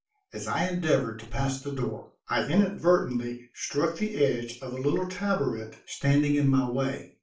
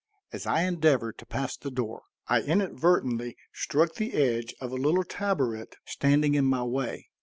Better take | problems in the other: second | room echo; dies away in 0.3 s

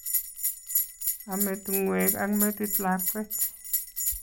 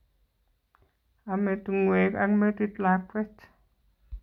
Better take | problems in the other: second | background sound (Bell); 1 dB above the speech

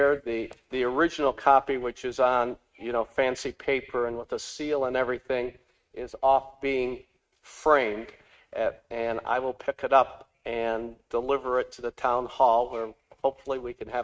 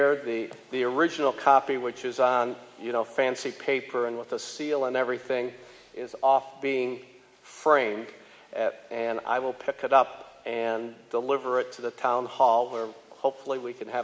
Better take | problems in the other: second | noise reduction (neural mask model RNNoise)

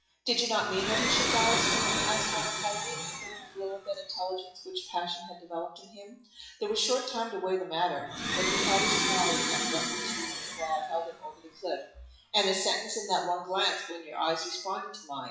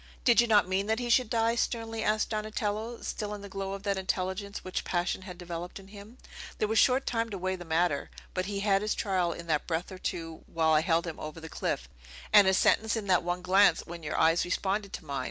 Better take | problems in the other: second | noise reduction (classical method WPE with log-MMSE)

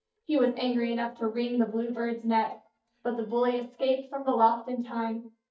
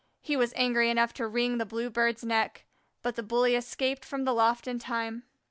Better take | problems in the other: second | noise reduction (neural mask model DeepFilterNet 3)

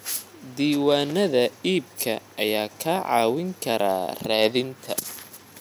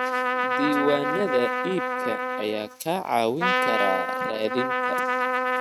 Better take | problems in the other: first | noise reduction (neural mask model RNNoise)

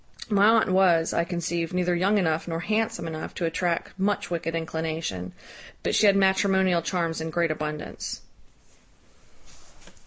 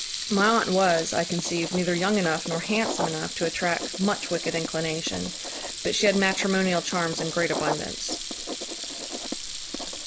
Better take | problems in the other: first | background sound (Writing + Sink (filling or washing) / Water tap, faucet); 6 dB below the speech

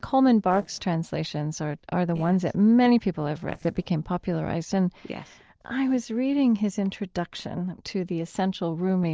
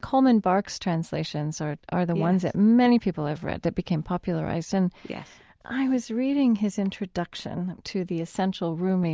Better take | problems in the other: second | noise reduction (neural separator model SepFormer DNS4)

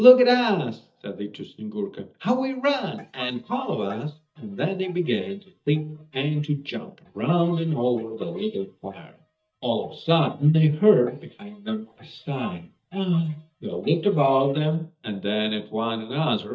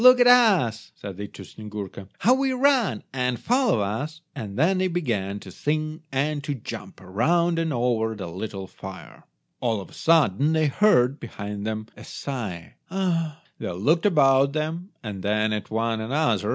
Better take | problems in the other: second | noise reduction (neural mask model DeepFilterNet 3)

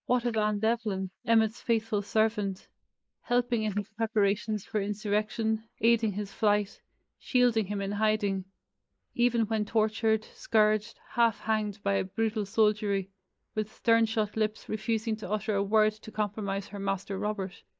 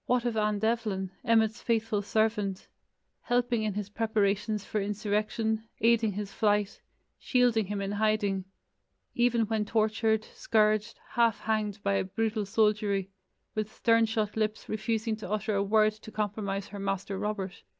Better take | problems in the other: second | noise reduction (neural mask model Resemble Enhance denoiser)

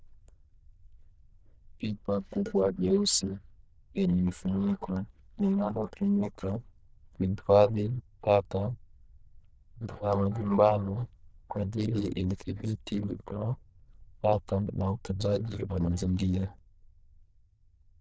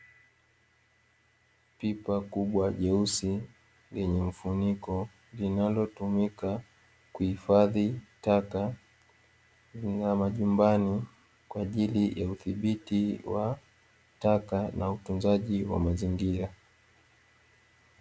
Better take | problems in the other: second | noise reduction (neural diffusion model UNIVERSE++)

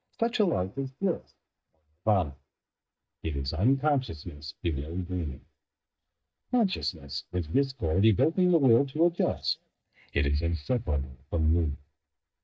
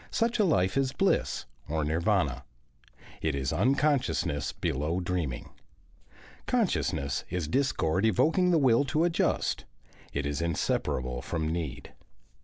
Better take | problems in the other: second | noise reduction (neural mask model DeepFilterNet 3)

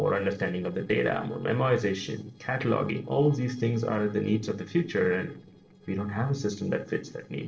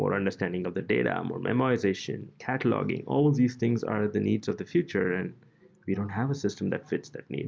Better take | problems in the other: second | noise reduction (neural separator model SepFormer DNS4)

